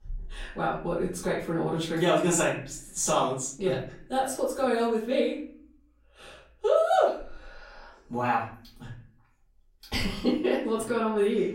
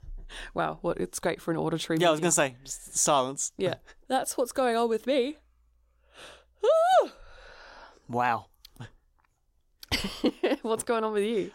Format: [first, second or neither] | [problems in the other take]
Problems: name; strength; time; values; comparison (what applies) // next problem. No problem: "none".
second | off-mic speech; far // room echo; noticeable; dies away in 0.5 s